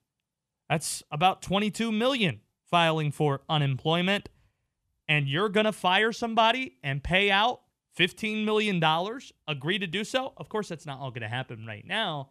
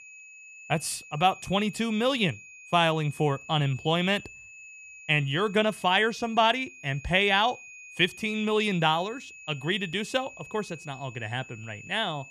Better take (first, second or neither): first